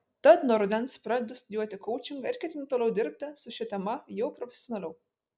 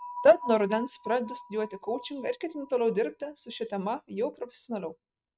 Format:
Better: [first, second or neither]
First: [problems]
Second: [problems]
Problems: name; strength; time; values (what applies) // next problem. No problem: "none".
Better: first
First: none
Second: noise reduction (neural mask model RNNoise)